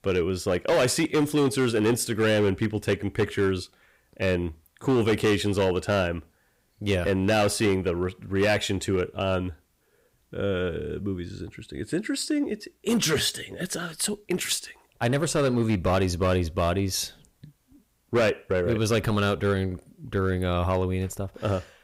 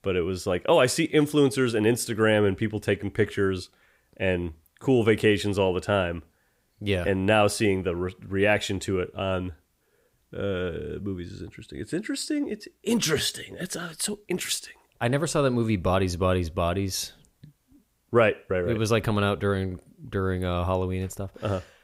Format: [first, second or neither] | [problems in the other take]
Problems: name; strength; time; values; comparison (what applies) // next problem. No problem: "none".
second | distortion; slight; 6% of the sound clipped